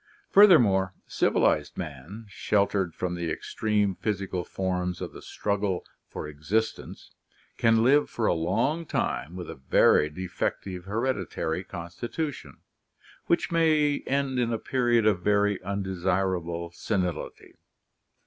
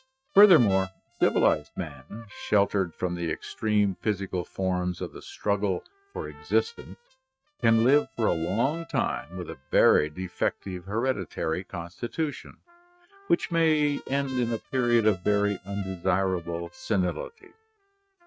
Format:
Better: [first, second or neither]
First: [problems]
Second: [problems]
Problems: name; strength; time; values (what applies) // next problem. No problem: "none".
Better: first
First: none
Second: noise reduction (neural mask model RNNoise)